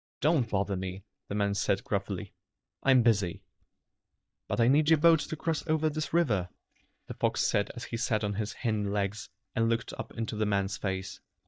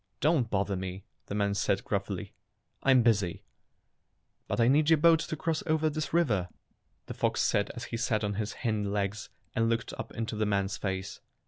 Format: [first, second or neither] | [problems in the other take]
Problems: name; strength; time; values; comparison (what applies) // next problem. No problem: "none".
second | noise reduction (neural mask model DeepFilterNet 3)